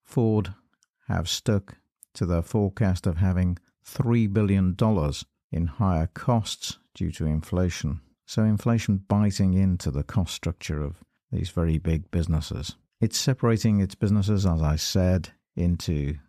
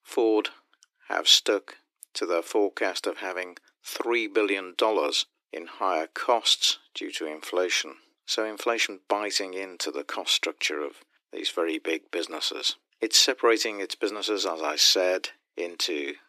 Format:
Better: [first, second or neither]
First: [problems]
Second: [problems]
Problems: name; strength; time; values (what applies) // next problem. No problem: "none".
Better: first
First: none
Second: thin; very; fading below 300 Hz